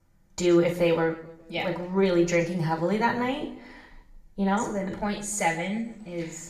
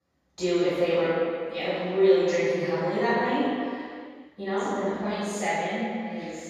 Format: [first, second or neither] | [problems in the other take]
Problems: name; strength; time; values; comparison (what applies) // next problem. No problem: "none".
first | room echo; strong; dies away in 2.2 s; slight in the first // off-mic speech; far; somewhat distant in the first